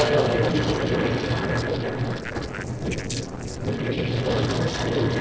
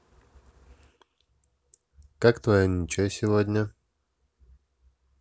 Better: second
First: noise reduction (neural separator model SepFormer DNS4)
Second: none

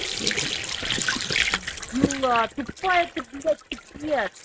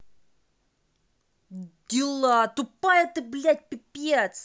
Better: second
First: noise reduction (neural mask model RNNoise)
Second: none

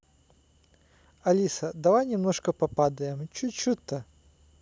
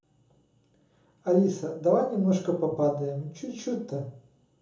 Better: first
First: none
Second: room echo; dies away in 1.2 s

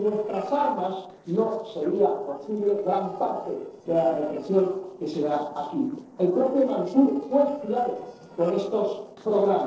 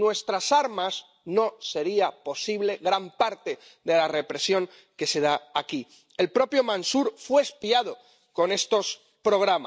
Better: second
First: noise reduction (neural separator model SepFormer DNS4)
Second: none

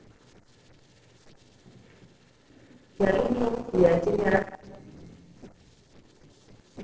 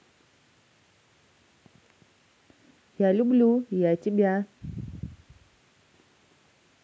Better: second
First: noise reduction (neural separator model SepFormer DNS4)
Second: none

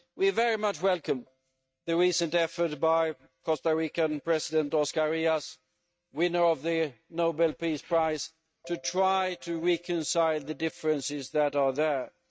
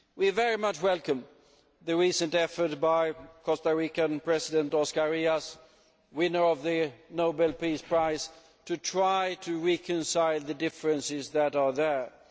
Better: second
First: noise reduction (neural mask model RNNoise)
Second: none

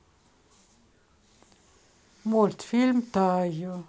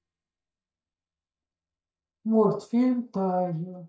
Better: first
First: none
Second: noise reduction (neural mask model DeepFilterNet 3)

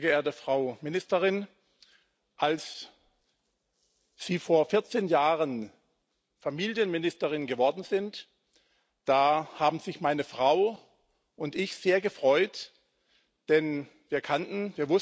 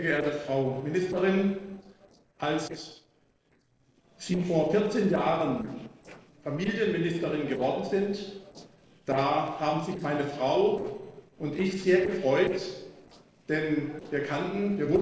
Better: first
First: none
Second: noise reduction (neural separator model SepFormer DNS4)

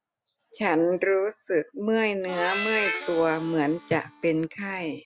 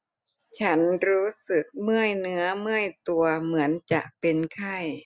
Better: second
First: background sound (Harmonica); 8 dB below the speech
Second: none

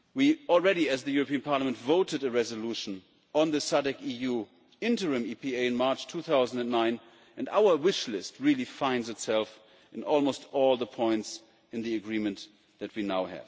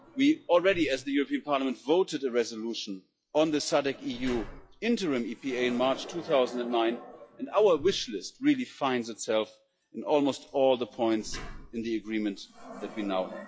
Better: first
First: none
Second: noise reduction (classical method log-MMSE)

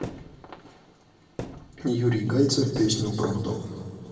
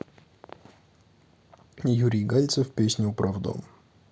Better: second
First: background sound (Thump, thud); 15 dB below the speech // room echo; dies away in 2.9 s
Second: none

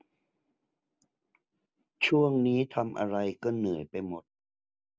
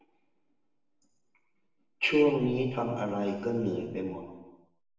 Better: first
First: none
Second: room echo; dies away in 0.9 s

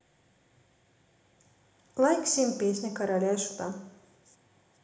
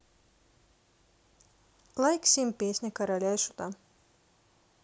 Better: second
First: room echo; dies away in 1.1 s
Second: none

